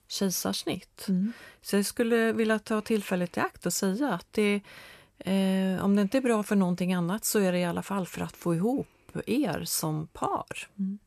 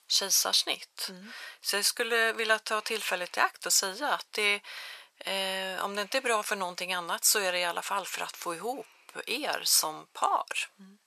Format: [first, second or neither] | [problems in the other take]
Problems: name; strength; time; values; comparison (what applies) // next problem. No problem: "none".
first | thin; very; fading below 850 Hz